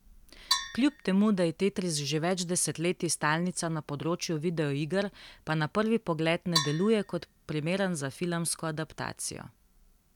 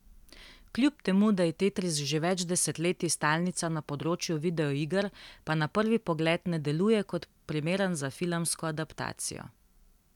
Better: second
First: background sound (Percussion); 7 dB below the speech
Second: none

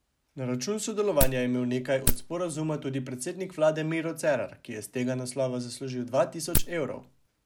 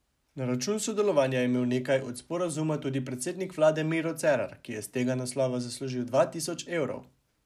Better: second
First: background sound (Wood); 1 dB above the speech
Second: none

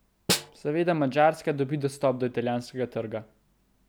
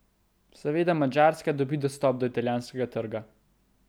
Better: second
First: background sound (Snare drum); 4 dB below the speech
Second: none

